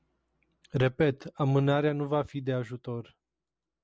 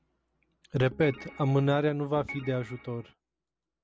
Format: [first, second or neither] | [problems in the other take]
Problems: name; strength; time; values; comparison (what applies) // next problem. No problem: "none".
first | background sound (Organ); 15 dB below the speech